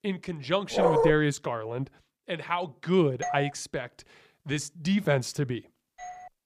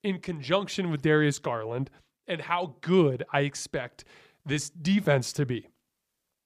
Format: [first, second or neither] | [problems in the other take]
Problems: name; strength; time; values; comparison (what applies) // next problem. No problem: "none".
second | dog barking; loud; at 0.5 s; peak 6 dB above the speech // doorbell; noticeable; at 3 s; peak 5 dB below the speech // doorbell; faint; at 6 s; peak 15 dB below the speech